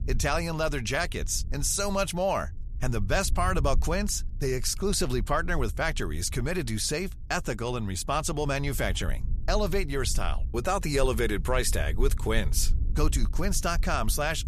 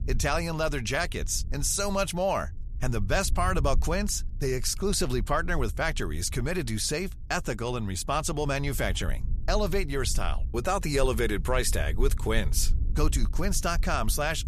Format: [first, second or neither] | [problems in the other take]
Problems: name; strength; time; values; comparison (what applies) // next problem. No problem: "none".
neither | low rumble; faint; throughout; 25 dB below the speech; the same in both